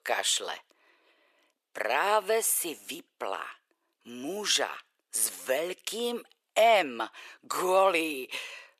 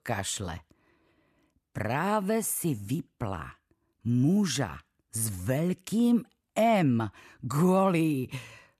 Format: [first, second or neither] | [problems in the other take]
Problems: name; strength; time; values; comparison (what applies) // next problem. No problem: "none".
second | thin; very; fading below 450 Hz